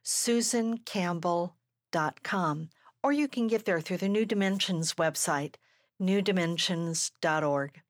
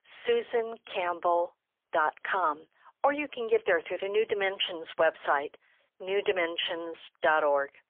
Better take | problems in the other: first | phone-call audio; poor line; nothing above 3.5 kHz

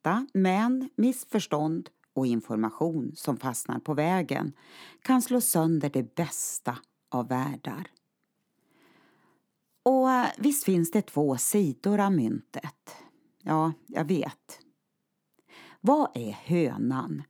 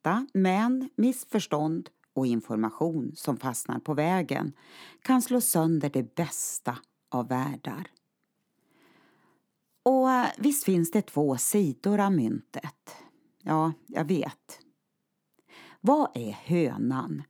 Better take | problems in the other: neither | none

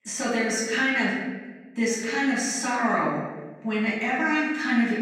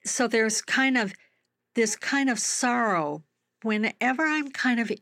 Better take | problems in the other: second | room echo; noticeable; dies away in 1.2 s // off-mic speech; far

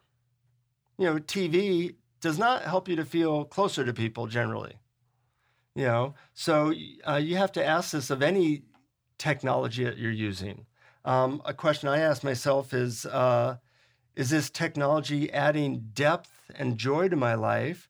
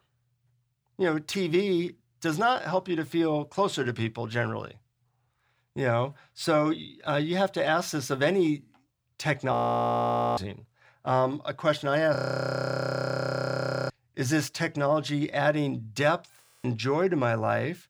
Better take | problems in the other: first | audio freezing; at 9.5 s for 1 s, at 12 s for 2 s and at 16 s

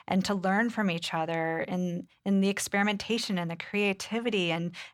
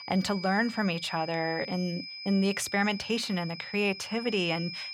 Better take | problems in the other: first | high-pitched whine; loud; throughout; 5 kHz, 10 dB below the speech

